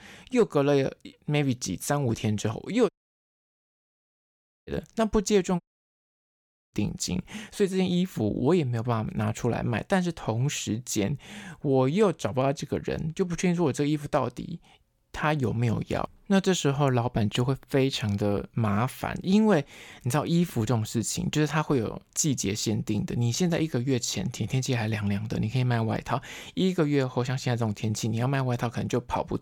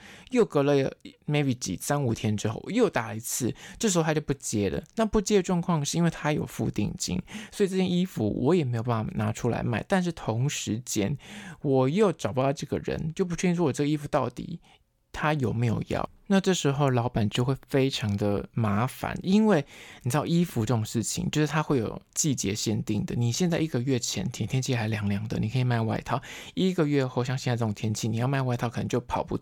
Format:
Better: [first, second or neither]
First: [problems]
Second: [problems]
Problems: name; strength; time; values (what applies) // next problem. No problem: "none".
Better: second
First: audio cutting out; at 3 s for 2 s and at 5.5 s for 1 s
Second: none